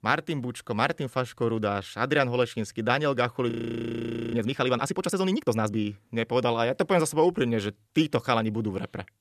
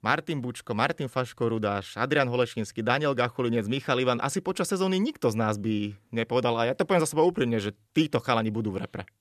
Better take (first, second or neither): second